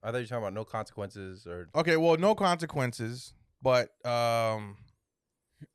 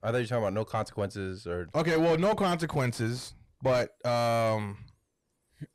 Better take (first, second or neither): first